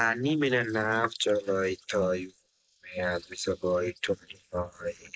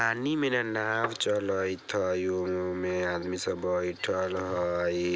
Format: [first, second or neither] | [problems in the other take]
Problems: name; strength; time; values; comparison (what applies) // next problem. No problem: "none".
second | noise reduction (neural mask model Resemble Enhance denoiser)